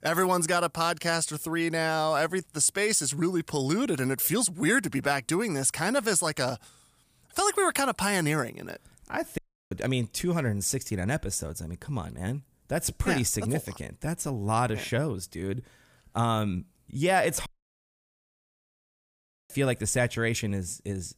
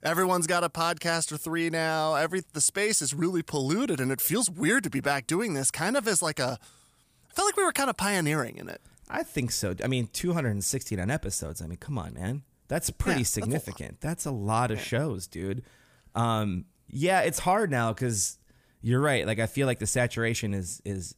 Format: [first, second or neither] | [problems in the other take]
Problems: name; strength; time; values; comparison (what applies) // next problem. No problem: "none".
second | audio cutting out; at 9.5 s and at 17 s for 2 s